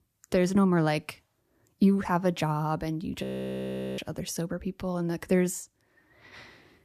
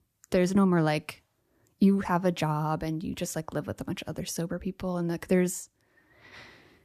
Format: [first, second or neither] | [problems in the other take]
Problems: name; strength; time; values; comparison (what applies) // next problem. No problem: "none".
second | audio freezing; at 3 s for 1 s